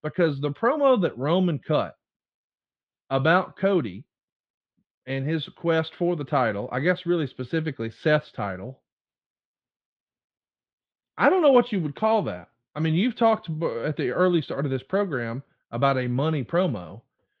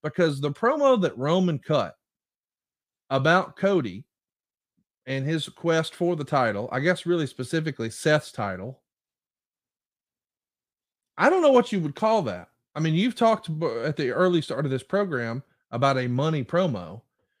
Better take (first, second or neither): second